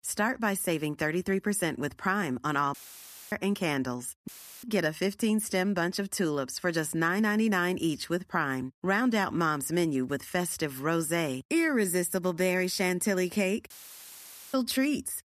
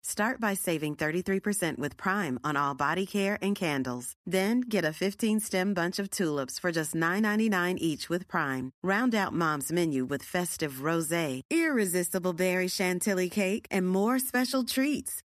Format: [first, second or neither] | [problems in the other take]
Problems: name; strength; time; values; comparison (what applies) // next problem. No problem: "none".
second | audio cutting out; filled with static; at 2.5 s for 0.5 s, at 4.5 s and at 14 s for 1 s